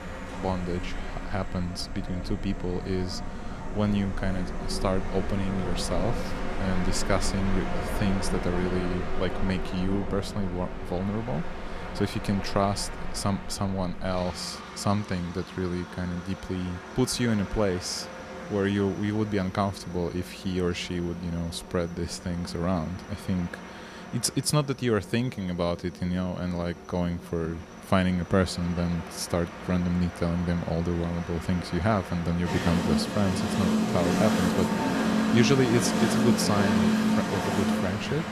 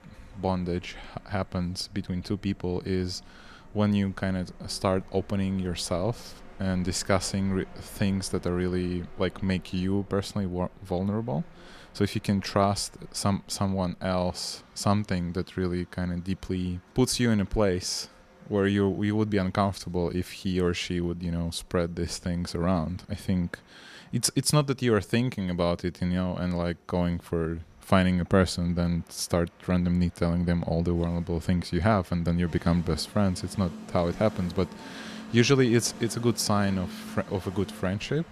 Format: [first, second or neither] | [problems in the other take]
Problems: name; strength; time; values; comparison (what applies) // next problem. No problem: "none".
second | train or aircraft noise; loud; throughout; 3 dB below the speech; faint in the second